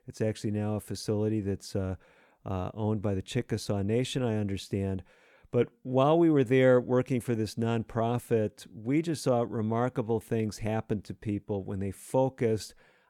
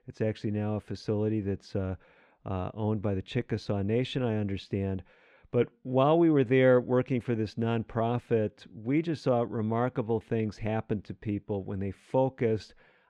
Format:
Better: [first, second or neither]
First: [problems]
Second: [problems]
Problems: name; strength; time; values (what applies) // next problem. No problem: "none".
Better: first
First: none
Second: muffled; very slightly; fading above 3 kHz